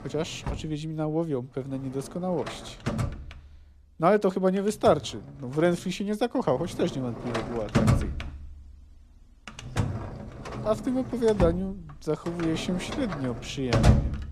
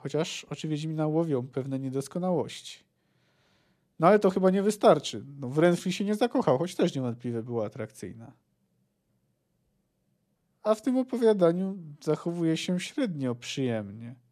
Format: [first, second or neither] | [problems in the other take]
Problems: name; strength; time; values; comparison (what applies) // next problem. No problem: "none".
second | household noises; loud; throughout; 3 dB below the speech